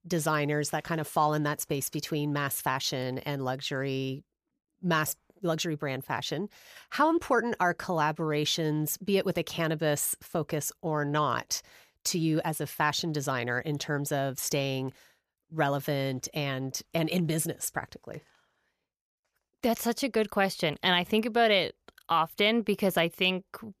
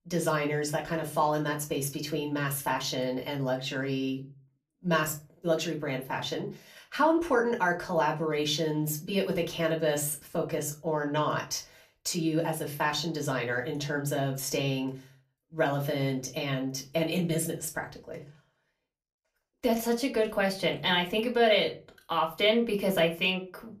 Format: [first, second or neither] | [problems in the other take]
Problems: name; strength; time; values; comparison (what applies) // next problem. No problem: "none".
first | off-mic speech; far // room echo; very slight; dies away in 0.3 s